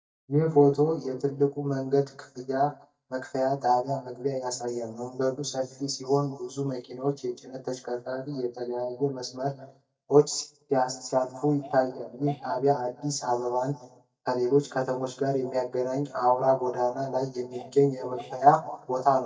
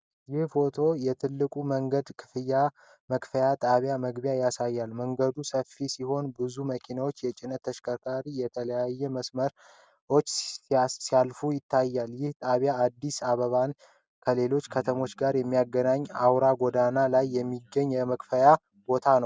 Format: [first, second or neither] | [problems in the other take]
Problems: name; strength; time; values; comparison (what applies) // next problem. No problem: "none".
second | noise reduction (neural mask model DeepFilterNet 3)